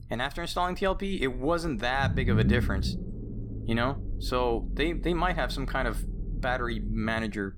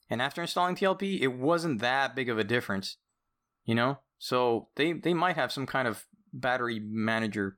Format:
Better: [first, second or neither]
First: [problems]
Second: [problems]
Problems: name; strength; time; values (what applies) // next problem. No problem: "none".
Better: second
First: low rumble; noticeable; throughout; 15 dB below the speech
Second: none